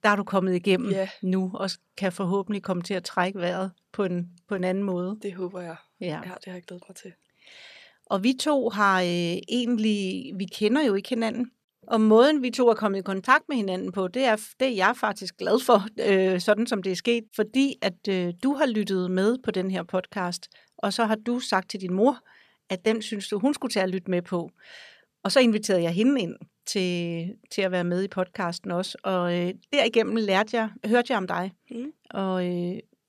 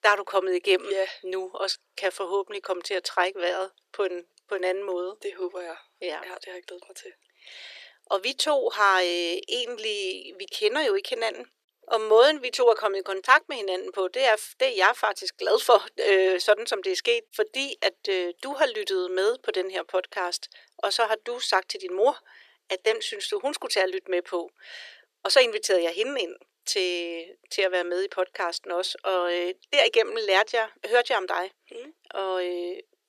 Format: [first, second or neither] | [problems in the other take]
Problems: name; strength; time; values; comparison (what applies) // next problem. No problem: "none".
first | thin; very; fading below 350 Hz